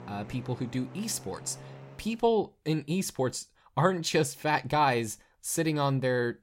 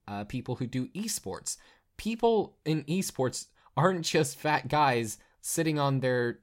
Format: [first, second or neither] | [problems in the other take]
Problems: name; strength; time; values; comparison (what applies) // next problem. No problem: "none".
second | traffic noise; noticeable; until 2 s; 15 dB below the speech